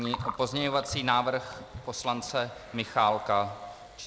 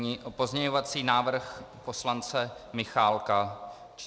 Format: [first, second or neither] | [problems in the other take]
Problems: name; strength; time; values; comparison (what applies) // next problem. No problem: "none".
second | background sound (Gurgling); 13 dB below the speech